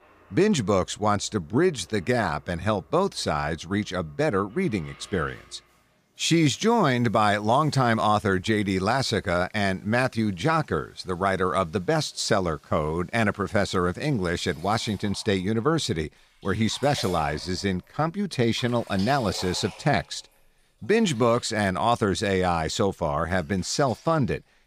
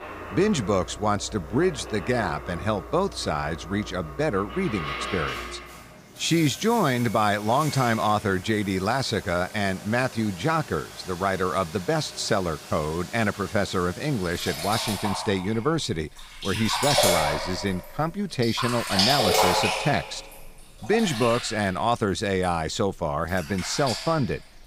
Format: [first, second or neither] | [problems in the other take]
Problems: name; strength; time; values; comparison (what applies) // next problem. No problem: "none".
first | household noises; loud; throughout; 5 dB below the speech; faint in the first